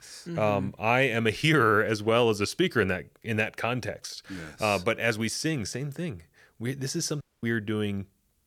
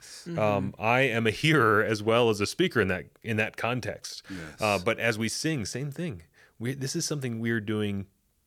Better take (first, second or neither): second